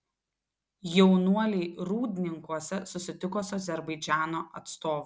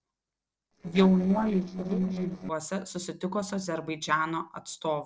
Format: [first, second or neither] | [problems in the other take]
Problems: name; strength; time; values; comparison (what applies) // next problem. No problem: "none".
first | noise reduction (neural separator model SepFormer DNS4)